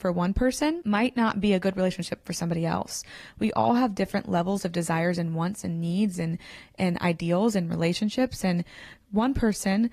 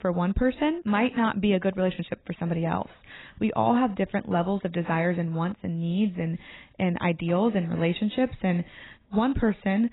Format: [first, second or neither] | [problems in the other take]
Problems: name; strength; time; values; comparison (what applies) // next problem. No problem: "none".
first | garbled, watery; badly; nothing above 4 kHz; slightly in the first